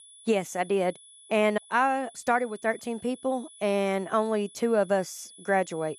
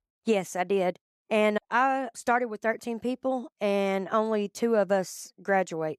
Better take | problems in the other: second | high-pitched whine; faint; throughout; 10 kHz, 20 dB below the speech

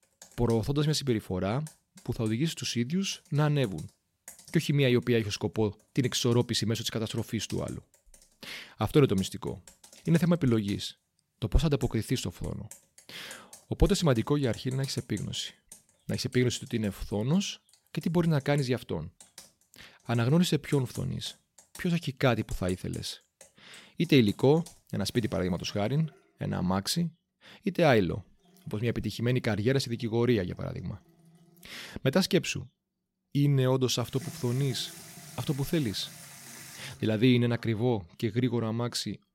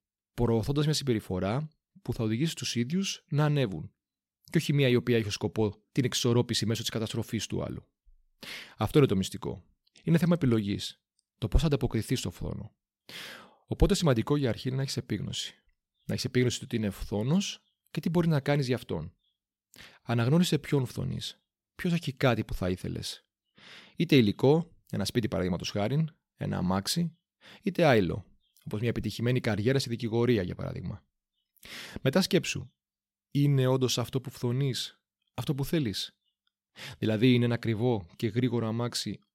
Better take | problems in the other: second | household noises; faint; throughout; 20 dB below the speech

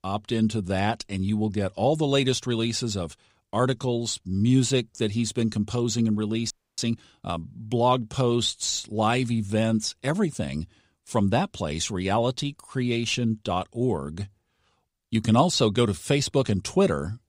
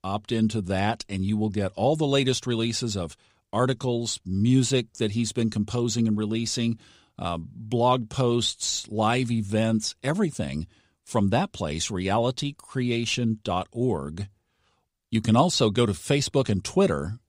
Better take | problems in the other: second | audio freezing; at 6.5 s

